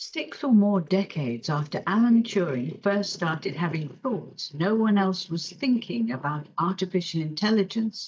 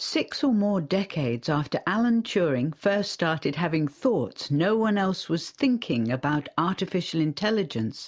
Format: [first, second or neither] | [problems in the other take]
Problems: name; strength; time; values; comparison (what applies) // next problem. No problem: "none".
second | noise reduction (neural mask model DeepFilterNet 3)